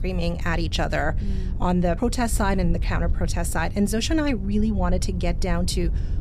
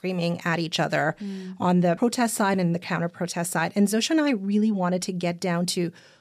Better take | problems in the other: second | wind noise on the microphone; occasional gusts; 20 dB below the speech

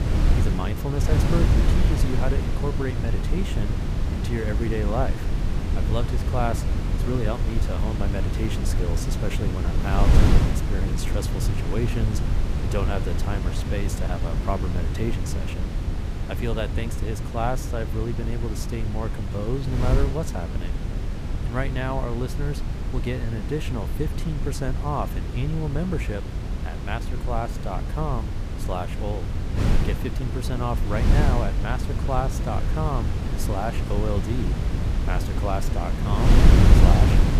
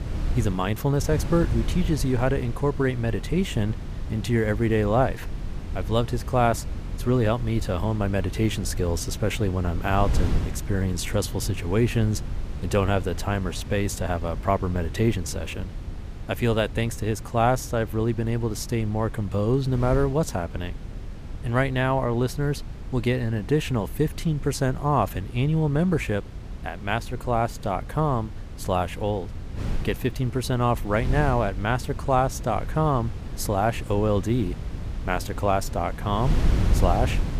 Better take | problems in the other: second | wind noise on the microphone; heavy; 3 dB below the speech; occasional gusts in the second

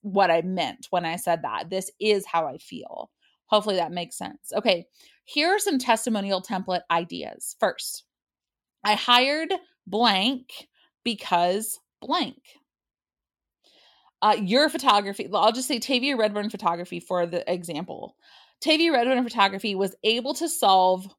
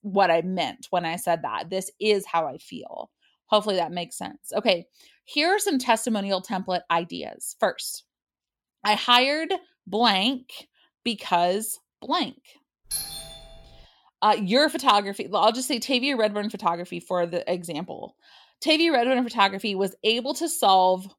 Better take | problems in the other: first | doorbell; noticeable; at 13 s; peak 6 dB below the speech

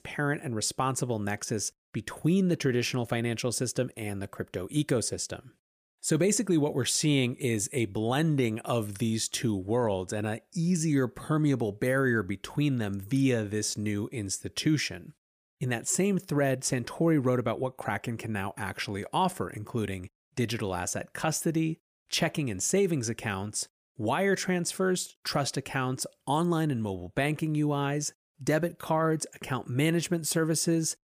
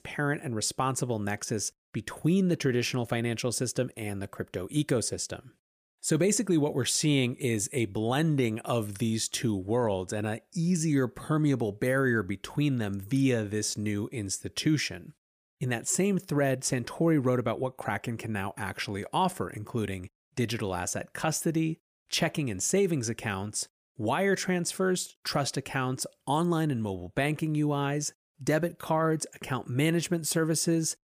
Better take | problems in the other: neither | none

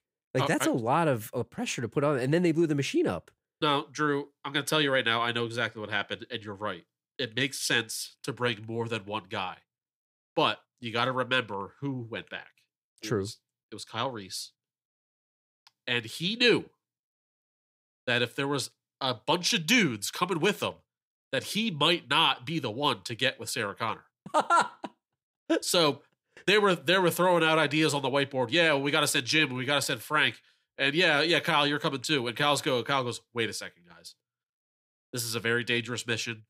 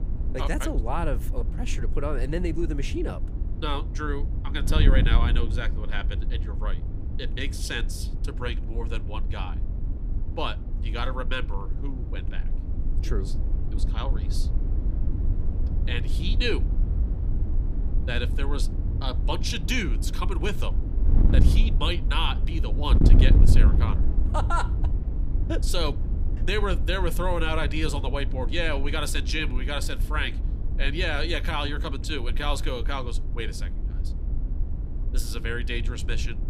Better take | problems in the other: first | wind noise on the microphone; occasional gusts; 10 dB below the speech

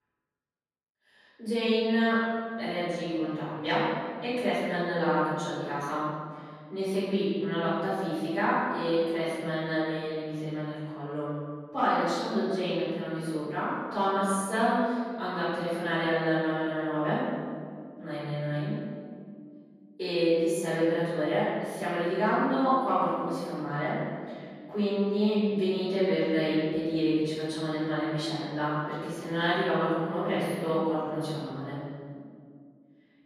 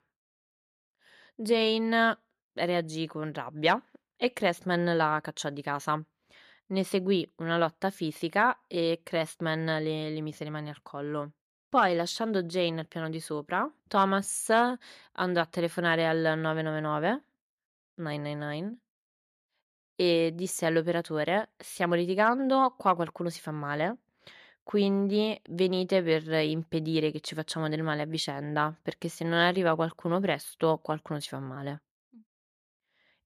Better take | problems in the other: second | room echo; strong; dies away in 2 s // off-mic speech; far

